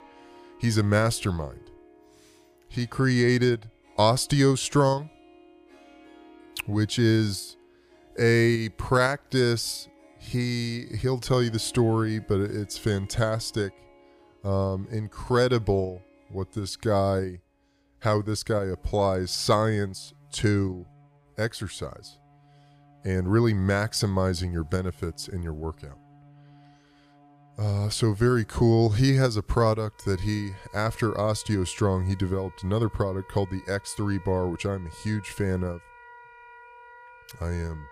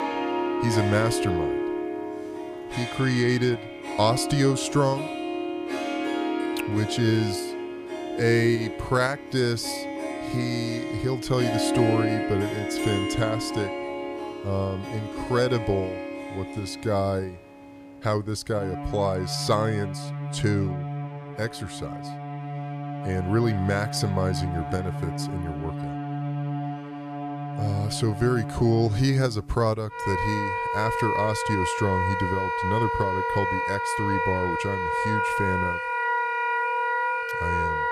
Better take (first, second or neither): first